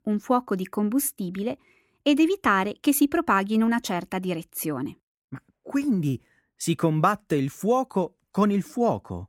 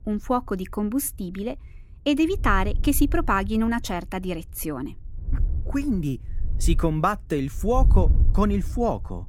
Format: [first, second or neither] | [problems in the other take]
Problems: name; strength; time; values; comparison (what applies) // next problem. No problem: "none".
first | wind noise on the microphone; occasional gusts; 20 dB below the speech